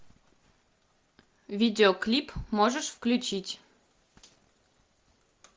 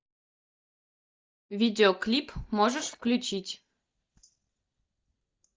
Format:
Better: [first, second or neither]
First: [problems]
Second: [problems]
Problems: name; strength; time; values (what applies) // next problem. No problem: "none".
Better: first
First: none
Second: noise reduction (neural mask model DeepFilterNet 3)